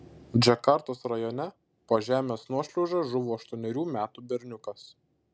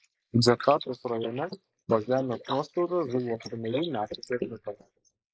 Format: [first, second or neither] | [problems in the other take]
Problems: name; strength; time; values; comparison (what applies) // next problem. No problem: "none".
first | noise reduction (neural mask model Resemble Enhance denoiser)